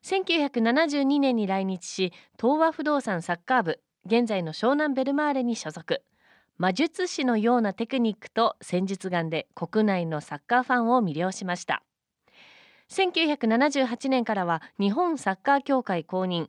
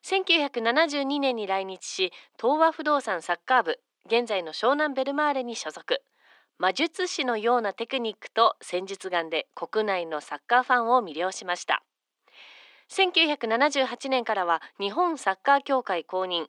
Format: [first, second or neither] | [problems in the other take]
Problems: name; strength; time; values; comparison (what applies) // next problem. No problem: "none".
first | thin; somewhat; fading below 350 Hz